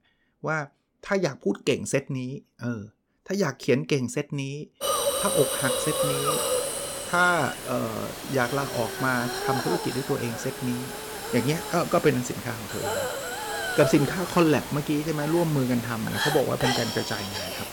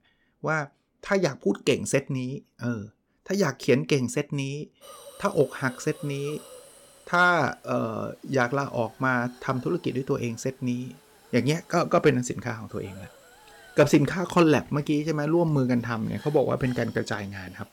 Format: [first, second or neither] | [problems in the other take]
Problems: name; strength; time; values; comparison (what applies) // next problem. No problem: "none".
second | hiss; loud; from 5 s on; 3 dB below the speech; faint in the second